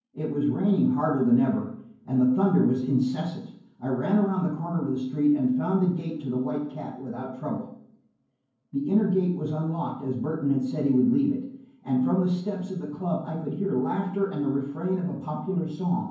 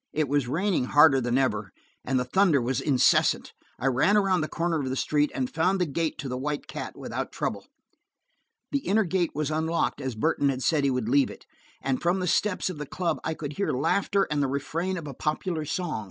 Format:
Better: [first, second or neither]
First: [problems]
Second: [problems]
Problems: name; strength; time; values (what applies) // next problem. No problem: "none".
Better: second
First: room echo; dies away in 0.9 s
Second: none